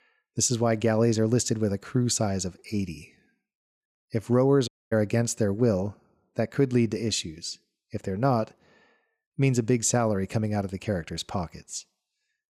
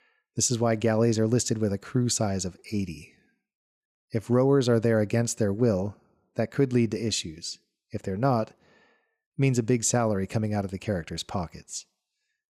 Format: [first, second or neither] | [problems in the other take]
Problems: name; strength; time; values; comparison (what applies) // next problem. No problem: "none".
second | audio cutting out; at 4.5 s